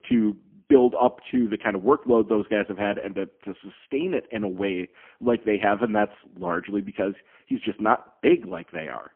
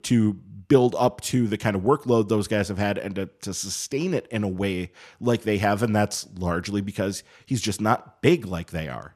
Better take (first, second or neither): second